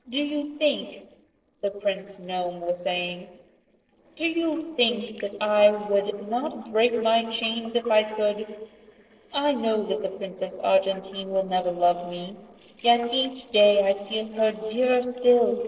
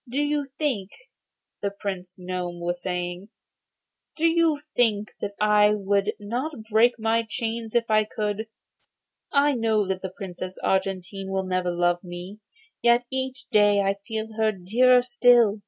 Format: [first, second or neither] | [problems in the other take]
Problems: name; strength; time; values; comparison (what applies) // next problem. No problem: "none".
second | noise reduction (neural separator model SepFormer DNS4)